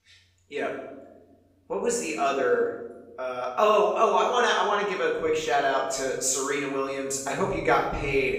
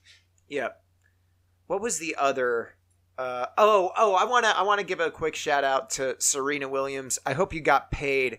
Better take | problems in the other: second | off-mic speech; far // room echo; noticeable; dies away in 1 s

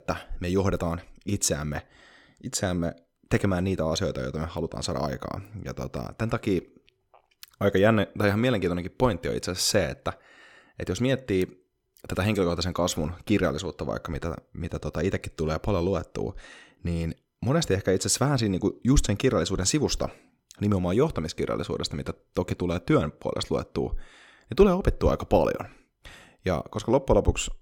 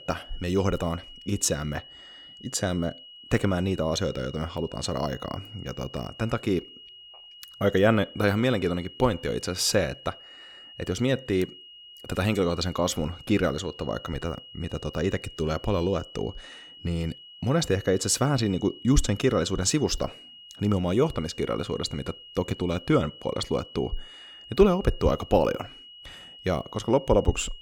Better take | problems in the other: first | high-pitched whine; noticeable; throughout; 3 kHz, 20 dB below the speech

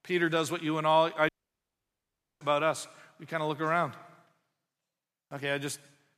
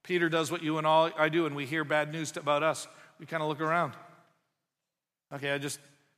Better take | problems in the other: second | audio cutting out; at 1.5 s for 1 s

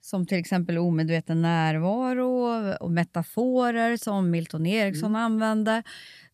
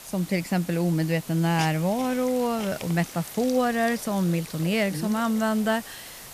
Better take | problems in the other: first | hiss; noticeable; throughout; 15 dB below the speech

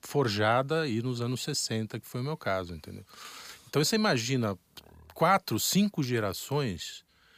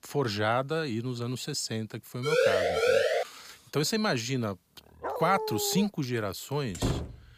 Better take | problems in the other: first | siren; loud; at 2.5 s; peak 6 dB above the speech // dog barking; noticeable; at 5 s; peak 4 dB below the speech // door banging; noticeable; at 7 s; peak 2 dB below the speech

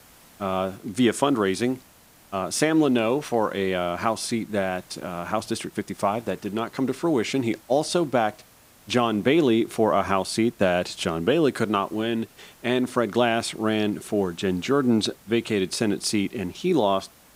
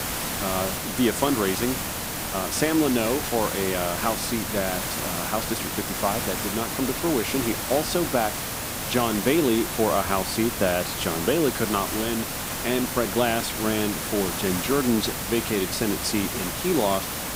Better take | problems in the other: first | hiss; loud; throughout; 2 dB below the speech; faint in the first

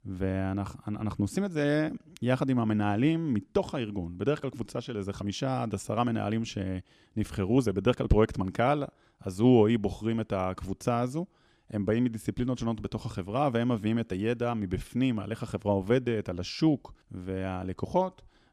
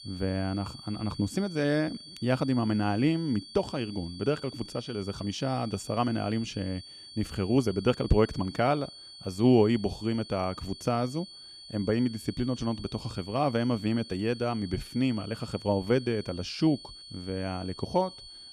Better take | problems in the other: first | high-pitched whine; noticeable; throughout; 4.5 kHz, 15 dB below the speech

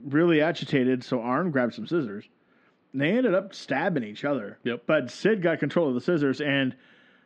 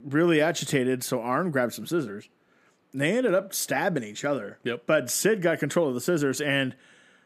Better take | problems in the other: second | muffled; slightly; fading above 4 kHz

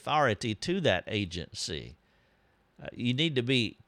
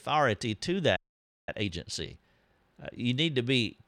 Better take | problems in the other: first | audio freezing; at 1 s for 0.5 s

